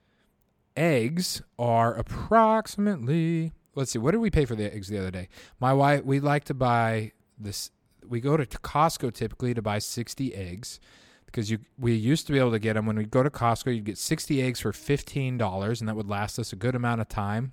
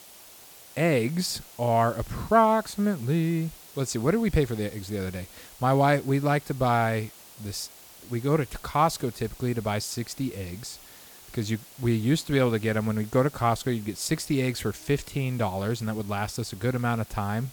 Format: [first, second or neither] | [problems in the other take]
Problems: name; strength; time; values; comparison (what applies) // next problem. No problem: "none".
first | hiss; noticeable; throughout; 20 dB below the speech